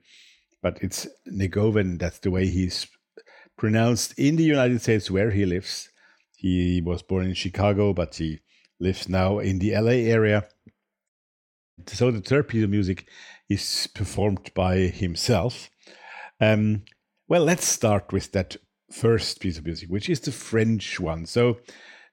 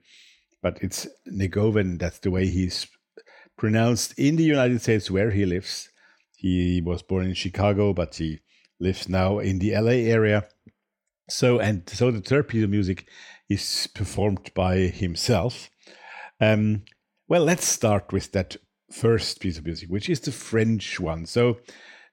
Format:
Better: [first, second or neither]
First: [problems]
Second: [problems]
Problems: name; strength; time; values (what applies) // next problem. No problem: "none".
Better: second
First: audio cutting out; at 11 s for 0.5 s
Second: none